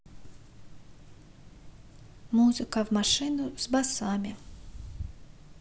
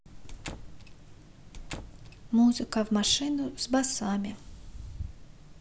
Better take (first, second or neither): first